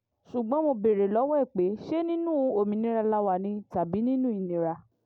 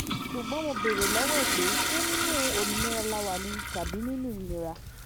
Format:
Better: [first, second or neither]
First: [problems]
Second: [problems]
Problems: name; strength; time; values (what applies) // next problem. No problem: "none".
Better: first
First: none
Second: background sound (Tearing + Toilet flush); 3 dB above the speech